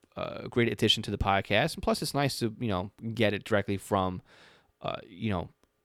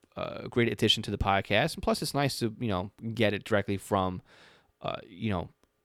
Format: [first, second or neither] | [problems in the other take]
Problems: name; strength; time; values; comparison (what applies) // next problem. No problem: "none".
neither | none